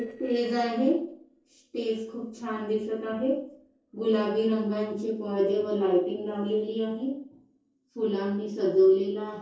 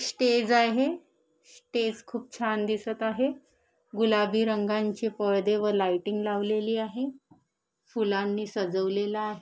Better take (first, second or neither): second